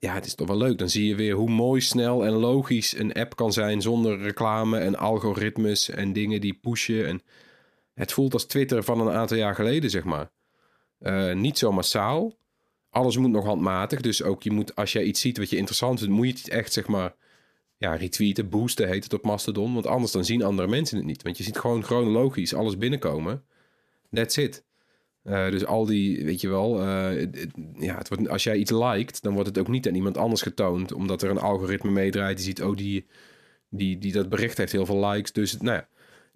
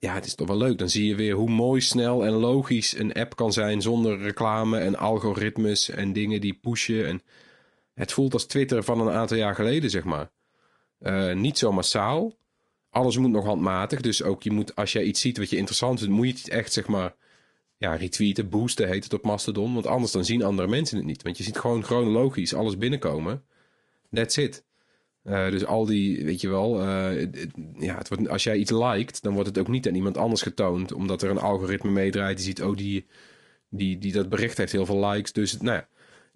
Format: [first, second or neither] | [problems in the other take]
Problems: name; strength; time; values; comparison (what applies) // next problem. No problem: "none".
first | garbled, watery; slightly; nothing above 10.5 kHz